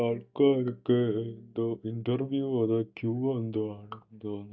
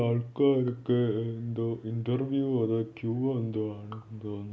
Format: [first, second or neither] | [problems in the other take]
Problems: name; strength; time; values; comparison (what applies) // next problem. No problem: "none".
second | noise reduction (neural mask model DeepFilterNet 3)